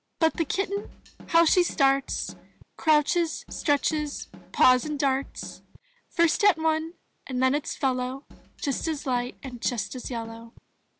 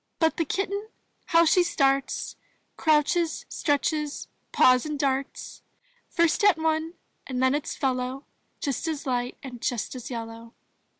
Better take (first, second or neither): second